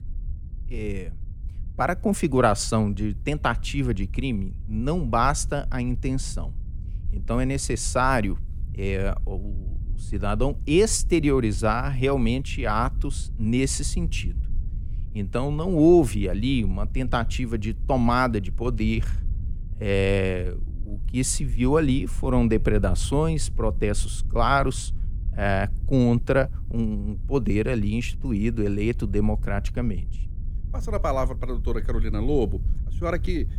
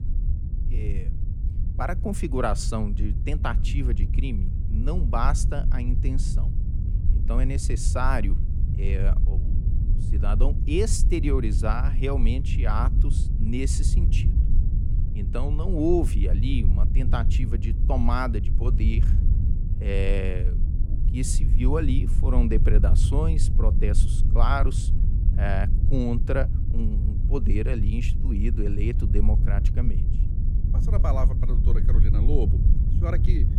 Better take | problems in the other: first | low rumble; loud; throughout; 9 dB below the speech; faint in the first

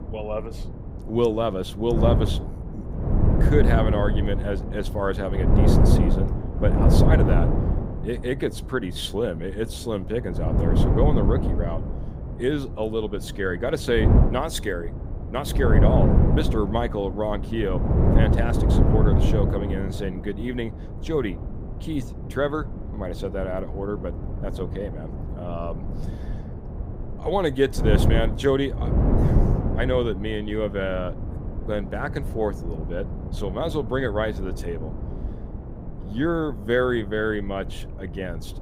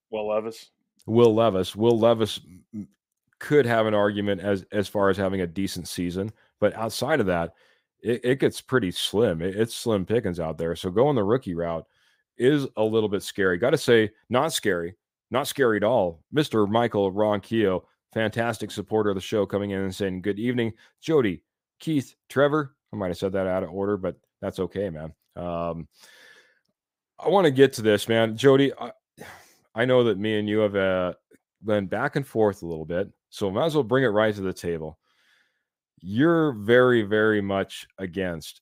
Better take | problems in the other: second | wind noise on the microphone; heavy; 5 dB below the speech

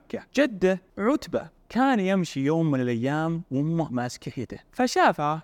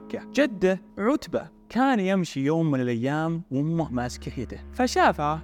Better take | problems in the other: first | background music; noticeable; throughout; 20 dB below the speech

